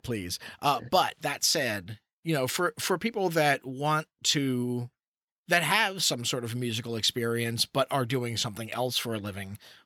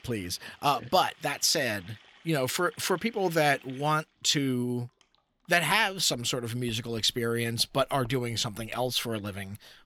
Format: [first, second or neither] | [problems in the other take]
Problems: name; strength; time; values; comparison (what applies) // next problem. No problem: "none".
first | household noises; faint; throughout; 25 dB below the speech